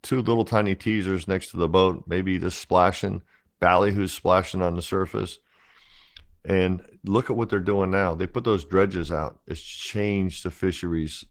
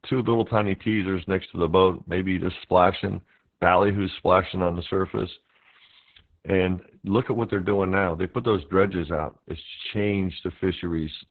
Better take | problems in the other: first | garbled, watery; badly; nothing above 4 kHz; slightly in the first

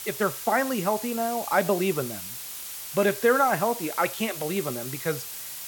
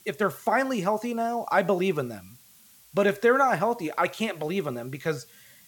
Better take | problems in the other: second | hiss; loud; throughout; 8 dB below the speech; faint in the second

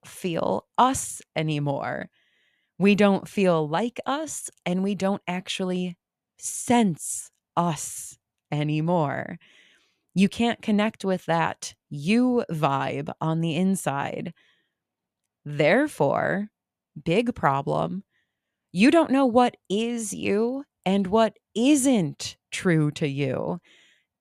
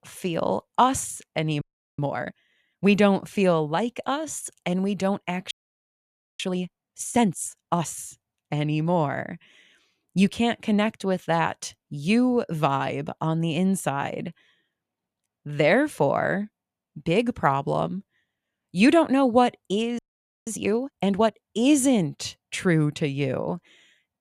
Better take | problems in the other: first | audio freezing; at 1.5 s, at 5.5 s for 1 s and at 20 s

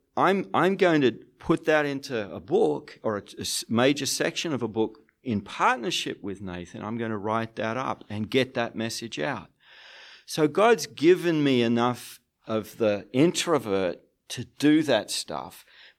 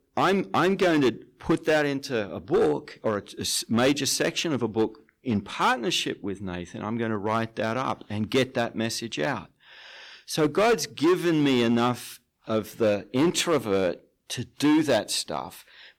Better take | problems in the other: first | distortion; slight; 6% of the sound clipped

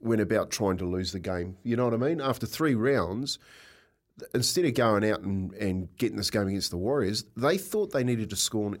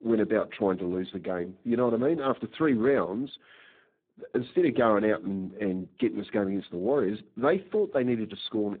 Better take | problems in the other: first | phone-call audio; poor line; nothing above 3.5 kHz

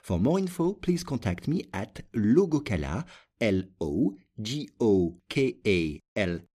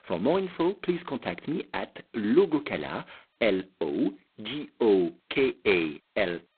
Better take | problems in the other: first | phone-call audio; poor line; nothing above 4 kHz

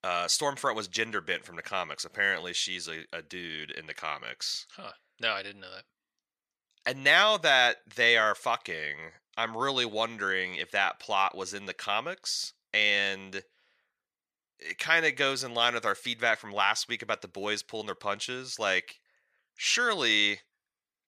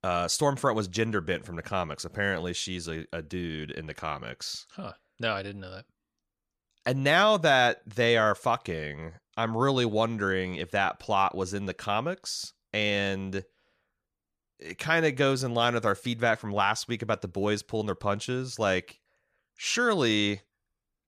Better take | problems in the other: second | thin; somewhat; fading below 750 Hz

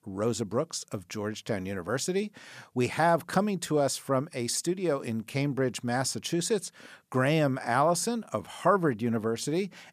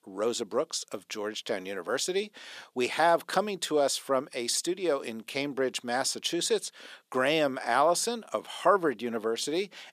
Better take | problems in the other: first | thin; somewhat; fading below 400 Hz

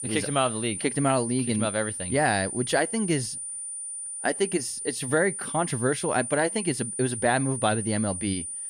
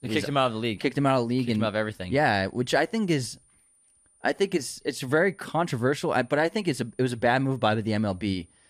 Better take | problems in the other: second | high-pitched whine; loud; throughout; 9.5 kHz, 5 dB below the speech; faint in the second

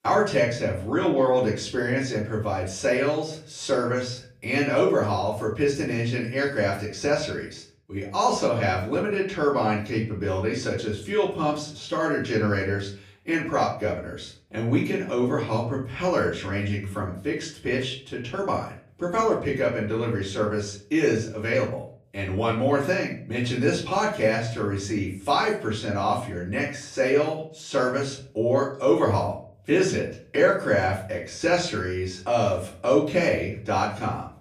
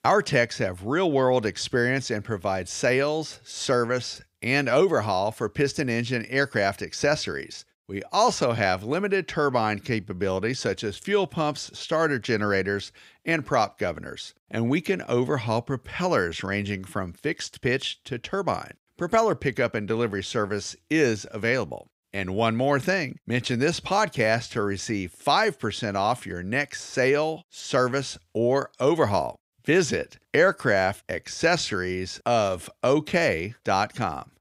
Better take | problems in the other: second | off-mic speech; far // room echo; slight; dies away in 0.4 s

